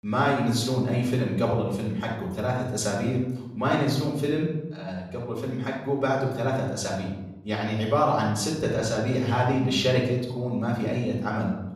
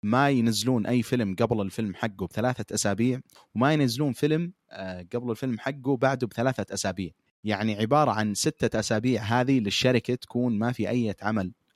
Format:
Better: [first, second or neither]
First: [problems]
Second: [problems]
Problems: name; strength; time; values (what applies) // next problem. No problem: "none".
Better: second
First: off-mic speech; far // room echo; noticeable; dies away in 0.8 s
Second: none